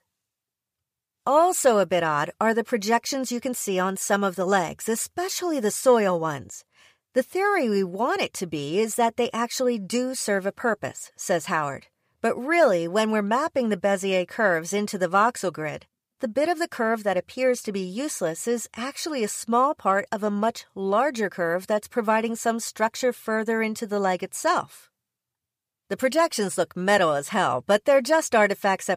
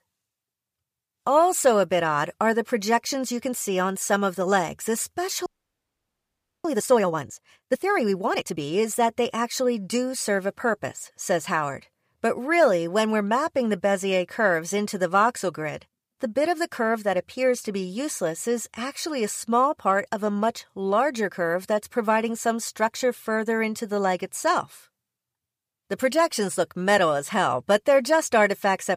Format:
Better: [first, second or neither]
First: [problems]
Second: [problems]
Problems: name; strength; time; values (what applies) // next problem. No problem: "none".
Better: first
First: none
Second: audio freezing; at 5.5 s for 1 s